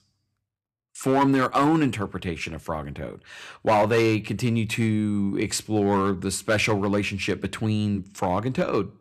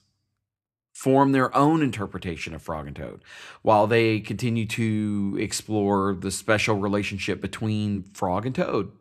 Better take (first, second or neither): second